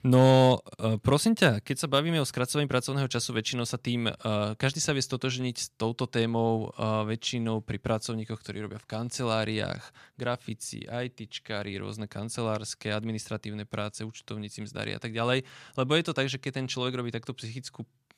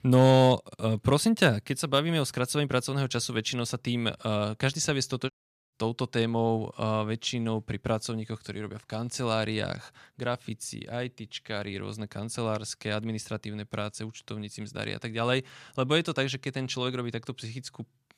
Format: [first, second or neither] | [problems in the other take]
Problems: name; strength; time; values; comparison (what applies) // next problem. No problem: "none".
first | audio cutting out; at 5.5 s